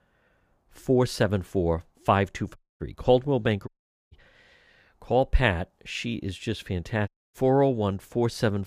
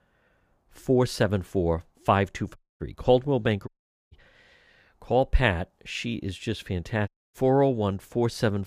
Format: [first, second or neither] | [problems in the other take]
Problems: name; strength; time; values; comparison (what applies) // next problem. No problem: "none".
neither | audio cutting out; at 2.5 s, at 3.5 s and at 7 s; the same in both